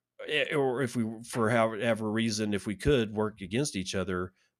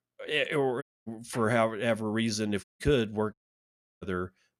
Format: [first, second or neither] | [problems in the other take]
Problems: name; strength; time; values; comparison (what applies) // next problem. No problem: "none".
first | audio cutting out; at 1 s, at 2.5 s and at 3.5 s for 0.5 s